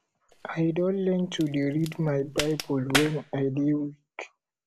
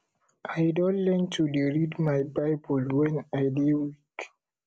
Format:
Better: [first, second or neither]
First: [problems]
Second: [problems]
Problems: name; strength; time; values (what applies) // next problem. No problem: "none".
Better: second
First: background sound (Crack); 8 dB below the speech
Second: none